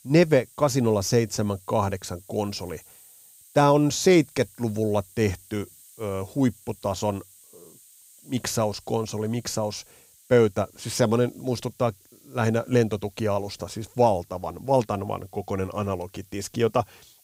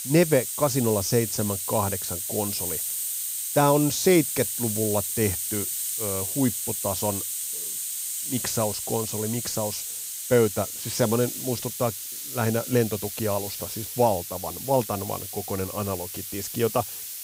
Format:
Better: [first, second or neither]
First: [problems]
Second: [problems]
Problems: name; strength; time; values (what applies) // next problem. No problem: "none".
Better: first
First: hiss; faint; throughout; 25 dB below the speech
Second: hiss; loud; throughout; 3 dB below the speech